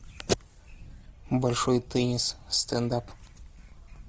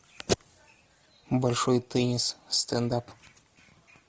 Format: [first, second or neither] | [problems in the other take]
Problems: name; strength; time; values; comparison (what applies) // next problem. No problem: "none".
second | noise reduction (neural mask model Resemble Enhance denoiser)